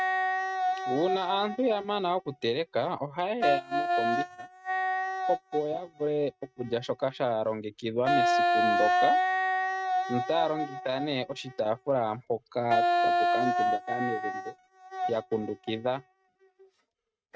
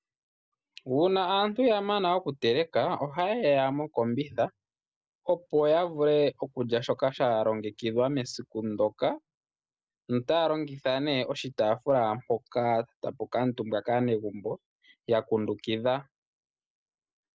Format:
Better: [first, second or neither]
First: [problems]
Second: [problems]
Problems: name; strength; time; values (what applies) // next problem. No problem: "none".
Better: second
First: noise reduction (neural mask model RNNoise)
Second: none